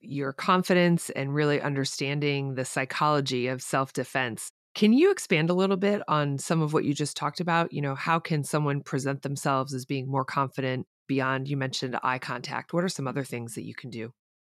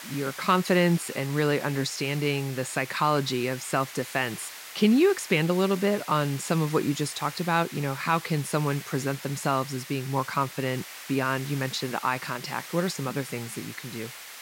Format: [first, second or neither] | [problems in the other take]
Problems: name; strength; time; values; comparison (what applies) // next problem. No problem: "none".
first | hiss; noticeable; throughout; 15 dB below the speech